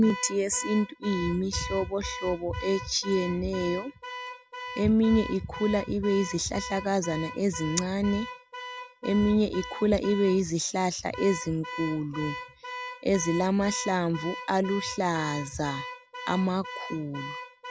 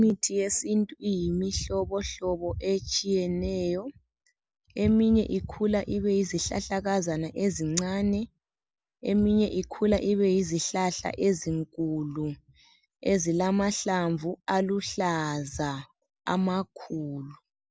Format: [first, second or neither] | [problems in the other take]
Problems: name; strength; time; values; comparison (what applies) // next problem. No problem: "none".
second | background sound (Alarm / Car); 12 dB below the speech